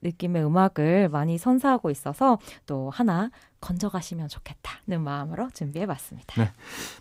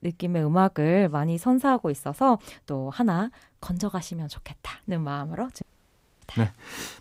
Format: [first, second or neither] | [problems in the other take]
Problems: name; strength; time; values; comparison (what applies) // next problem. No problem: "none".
first | audio cutting out; at 5.5 s for 0.5 s